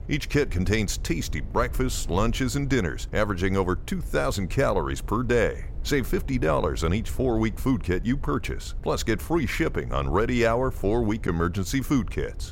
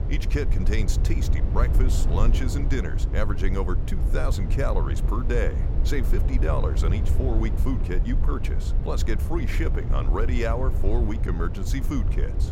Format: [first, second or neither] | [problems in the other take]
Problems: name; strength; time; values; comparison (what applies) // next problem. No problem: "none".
first | low rumble; loud; throughout; 8 dB below the speech; faint in the first